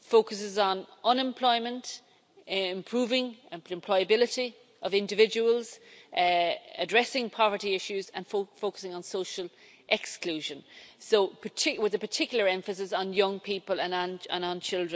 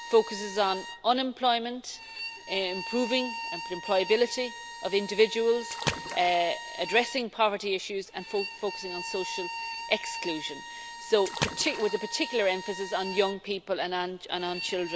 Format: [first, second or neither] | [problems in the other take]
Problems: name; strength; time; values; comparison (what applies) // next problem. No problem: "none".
first | background sound (Water / Splash, splatter + Bowed string instrument); 9 dB below the speech